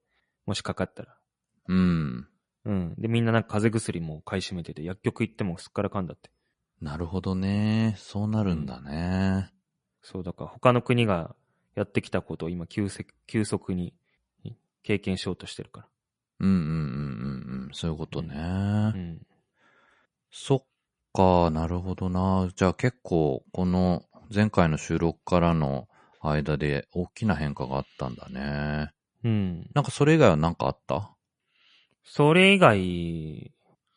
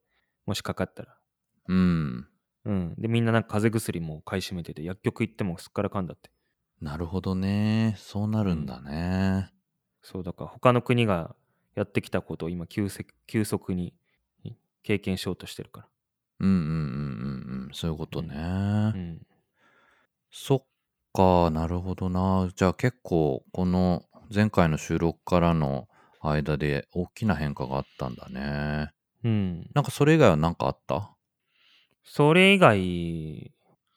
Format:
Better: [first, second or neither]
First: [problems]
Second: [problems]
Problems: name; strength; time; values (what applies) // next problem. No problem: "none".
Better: second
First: garbled, watery; slightly; nothing above 10 kHz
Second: none